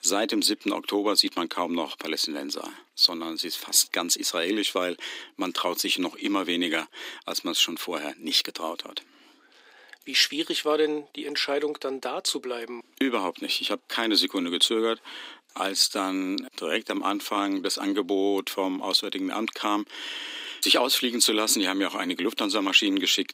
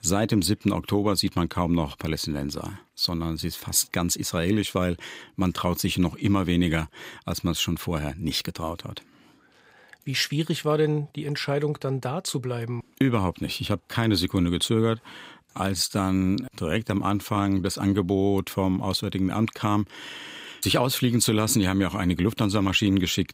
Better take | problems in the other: second | thin; very slightly; fading below 250 Hz

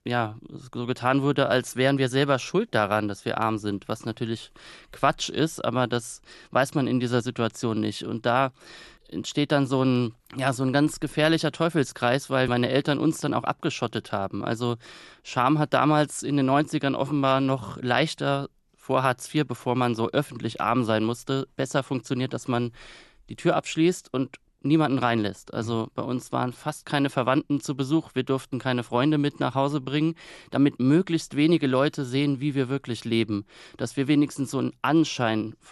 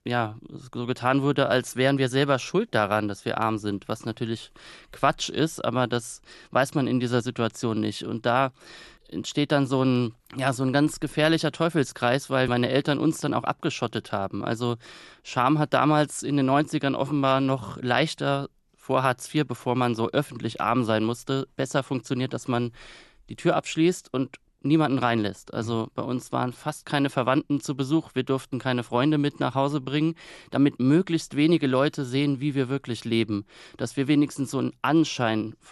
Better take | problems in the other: neither | none

